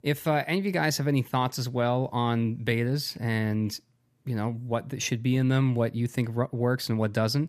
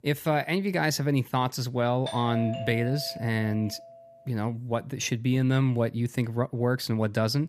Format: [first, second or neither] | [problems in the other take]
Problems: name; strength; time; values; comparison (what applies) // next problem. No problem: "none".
first | doorbell; noticeable; from 2 to 4 s; peak 8 dB below the speech